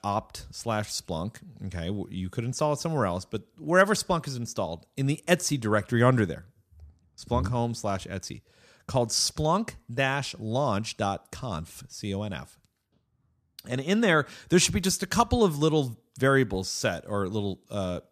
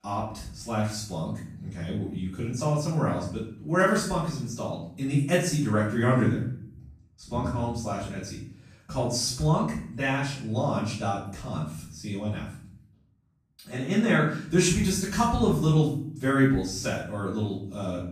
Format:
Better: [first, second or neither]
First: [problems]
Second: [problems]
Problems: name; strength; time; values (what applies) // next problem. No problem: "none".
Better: first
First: none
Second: off-mic speech; far // room echo; noticeable; dies away in 0.6 s